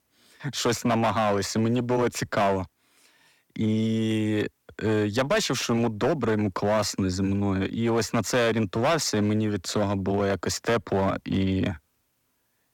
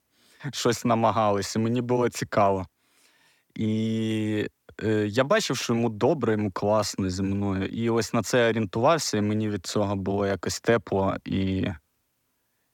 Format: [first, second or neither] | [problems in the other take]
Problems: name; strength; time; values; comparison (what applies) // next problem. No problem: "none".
second | distortion; slight; 7% of the sound clipped